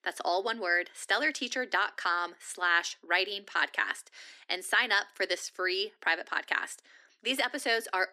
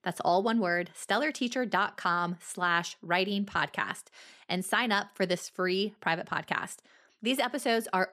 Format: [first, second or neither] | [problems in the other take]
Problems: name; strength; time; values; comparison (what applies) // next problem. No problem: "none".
second | thin; somewhat; fading below 250 Hz